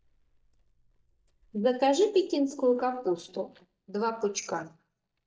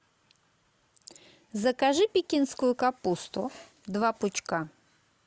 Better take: second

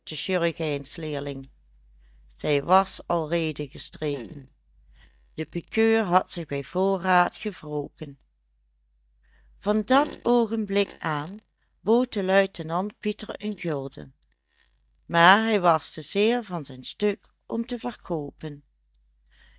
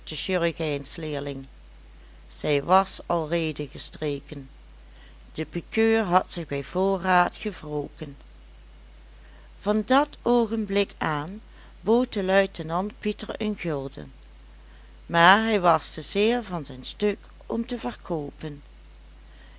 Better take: second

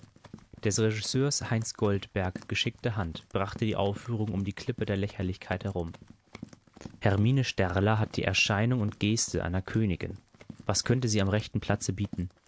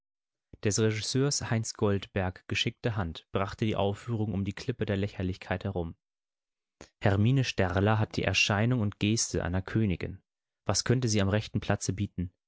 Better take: second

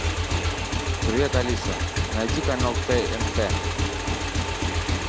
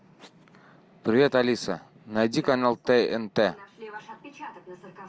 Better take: second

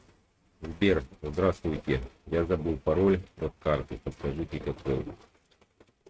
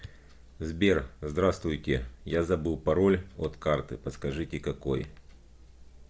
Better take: second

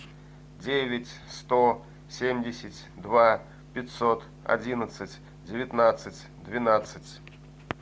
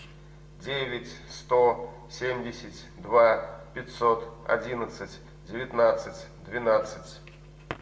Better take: first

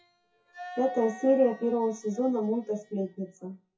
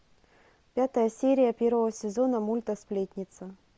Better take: second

